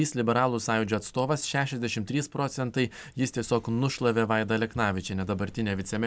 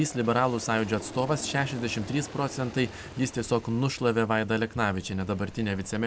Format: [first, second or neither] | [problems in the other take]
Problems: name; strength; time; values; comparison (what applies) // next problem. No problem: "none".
first | background sound (Aircraft); 16 dB below the speech